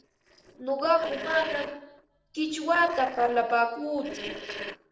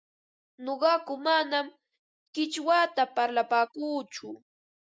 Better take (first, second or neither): second